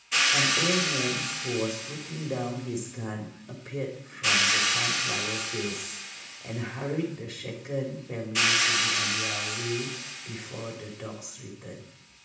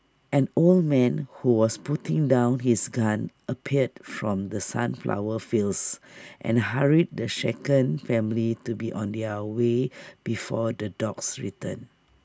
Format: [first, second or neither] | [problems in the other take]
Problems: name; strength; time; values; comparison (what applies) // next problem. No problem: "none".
second | background sound (Hi-hat); 5 dB above the speech // room echo; dies away in 0.7 s